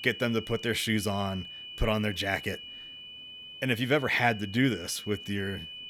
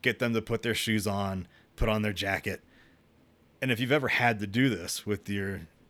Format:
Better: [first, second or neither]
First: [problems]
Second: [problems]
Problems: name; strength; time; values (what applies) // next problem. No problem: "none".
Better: second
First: high-pitched whine; noticeable; throughout; 3 kHz, 10 dB below the speech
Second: none